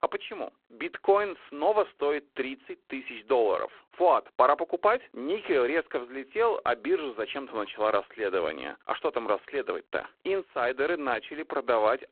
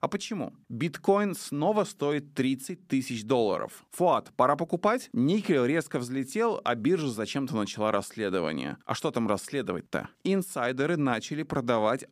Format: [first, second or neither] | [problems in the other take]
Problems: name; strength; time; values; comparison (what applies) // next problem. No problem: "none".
second | phone-call audio; poor line; nothing above 4 kHz